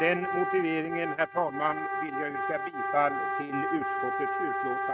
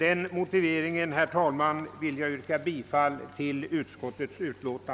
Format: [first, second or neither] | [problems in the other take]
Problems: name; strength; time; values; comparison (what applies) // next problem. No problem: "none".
second | noise reduction (neural mask model RNNoise)